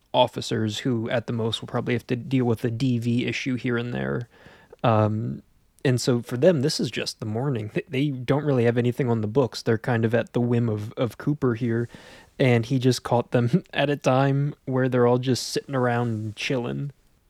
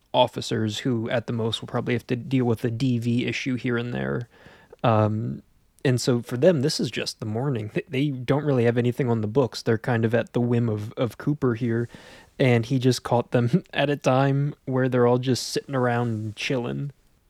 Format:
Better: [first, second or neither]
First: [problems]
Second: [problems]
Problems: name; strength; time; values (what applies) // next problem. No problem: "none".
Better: neither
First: none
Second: none